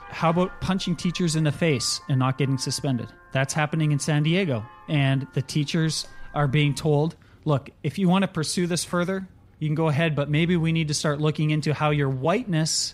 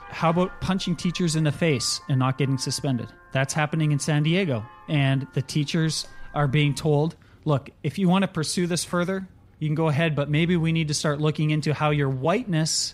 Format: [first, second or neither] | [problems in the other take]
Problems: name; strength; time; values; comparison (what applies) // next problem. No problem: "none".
neither | traffic noise; faint; throughout; 25 dB below the speech; the same in both